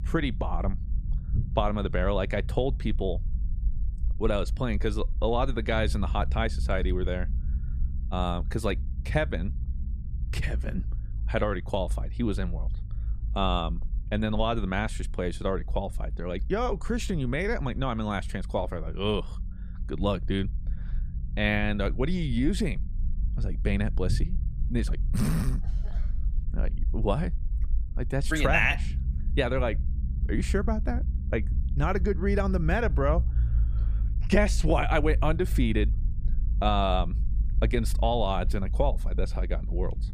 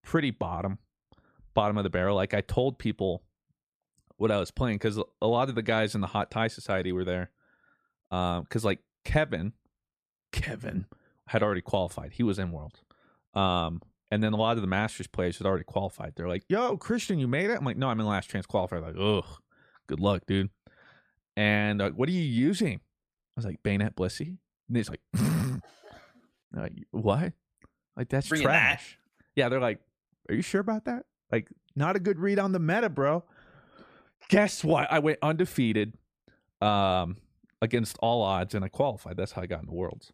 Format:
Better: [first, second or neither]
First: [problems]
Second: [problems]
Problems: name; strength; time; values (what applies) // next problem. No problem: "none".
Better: second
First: low rumble; faint; throughout; 20 dB below the speech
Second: none